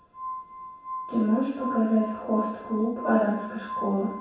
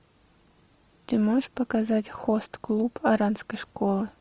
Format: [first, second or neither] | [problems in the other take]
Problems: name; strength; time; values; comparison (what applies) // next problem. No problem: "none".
second | background sound (Glass); 10 dB below the speech // room echo; dies away in 0.7 s